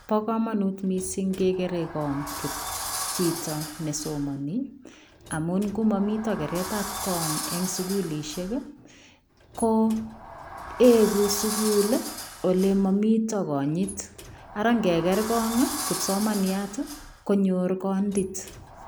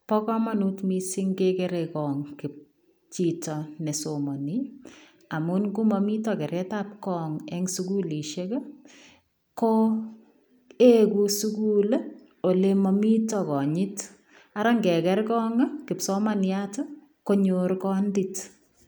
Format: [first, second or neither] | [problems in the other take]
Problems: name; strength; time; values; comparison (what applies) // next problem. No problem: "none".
second | background sound (Sliding door); 11 dB below the speech